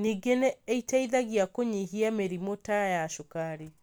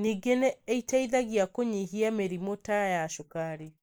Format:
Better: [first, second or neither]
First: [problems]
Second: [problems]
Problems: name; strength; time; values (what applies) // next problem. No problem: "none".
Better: first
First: none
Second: noise reduction (neural mask model Resemble Enhance denoiser)